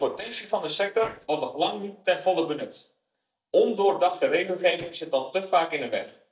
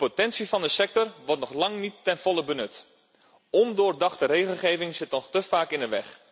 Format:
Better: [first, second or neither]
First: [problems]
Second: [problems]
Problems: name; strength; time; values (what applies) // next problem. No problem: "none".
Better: second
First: noise reduction (neural mask model DeepFilterNet 3)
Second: none